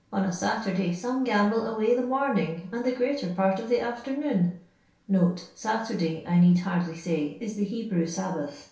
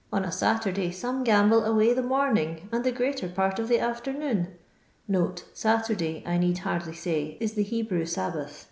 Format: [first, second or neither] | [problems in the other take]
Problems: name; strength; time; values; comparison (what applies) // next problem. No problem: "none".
second | room echo; dies away in 0.3 s